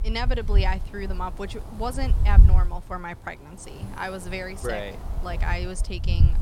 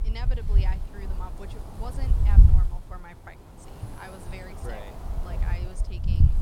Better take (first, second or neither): first